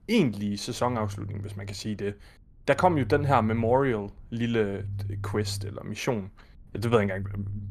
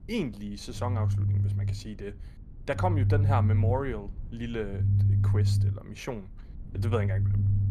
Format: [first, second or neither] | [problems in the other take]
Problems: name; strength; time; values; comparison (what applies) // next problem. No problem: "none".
first | low rumble; loud; throughout; 6 dB below the speech; faint in the first